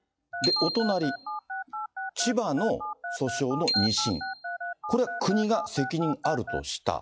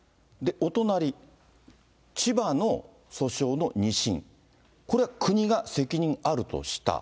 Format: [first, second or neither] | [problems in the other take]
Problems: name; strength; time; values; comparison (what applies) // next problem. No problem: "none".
second | noise reduction (classical method log-MMSE)